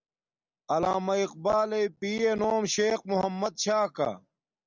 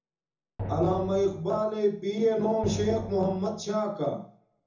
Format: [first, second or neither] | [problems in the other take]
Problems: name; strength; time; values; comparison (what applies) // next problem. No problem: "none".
first | background sound (Drum); 10 dB below the speech // room echo; dies away in 0.6 s